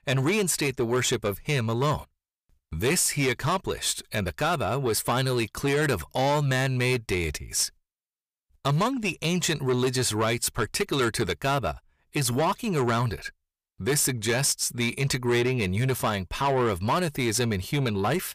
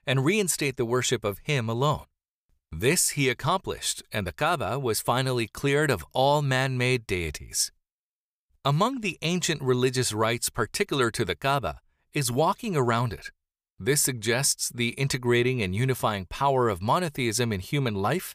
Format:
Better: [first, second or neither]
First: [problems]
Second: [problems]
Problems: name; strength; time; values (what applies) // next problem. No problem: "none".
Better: second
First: distortion; slight; 10 dB below the speech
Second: none